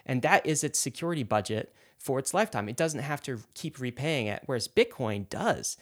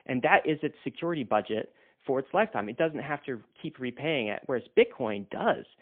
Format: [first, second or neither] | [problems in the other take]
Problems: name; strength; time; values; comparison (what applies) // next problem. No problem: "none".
first | phone-call audio; poor line; nothing above 3.5 kHz